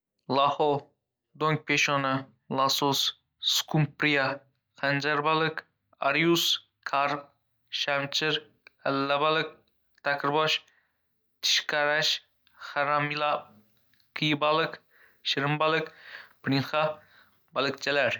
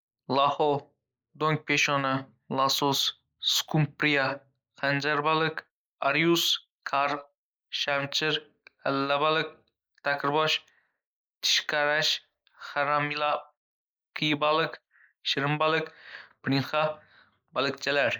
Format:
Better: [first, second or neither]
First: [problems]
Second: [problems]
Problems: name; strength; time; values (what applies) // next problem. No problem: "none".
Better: first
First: none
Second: noise reduction (neural mask model Resemble Enhance denoiser)